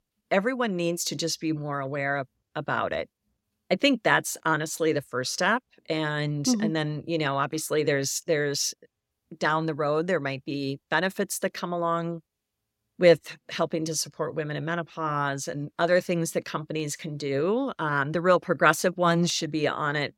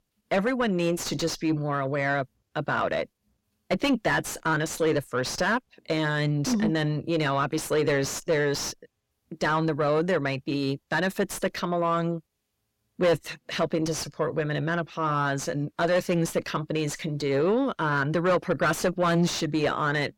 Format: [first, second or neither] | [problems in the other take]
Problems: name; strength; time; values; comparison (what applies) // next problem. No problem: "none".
first | distortion; heavy; 7 dB below the speech